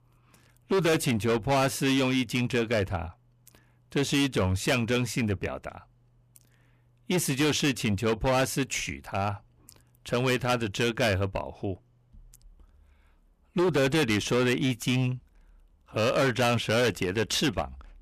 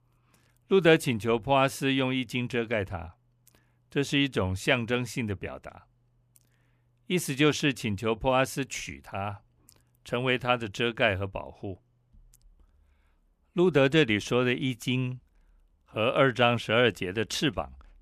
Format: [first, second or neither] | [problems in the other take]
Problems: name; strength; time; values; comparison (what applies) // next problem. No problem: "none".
second | distortion; heavy; 11% of the sound clipped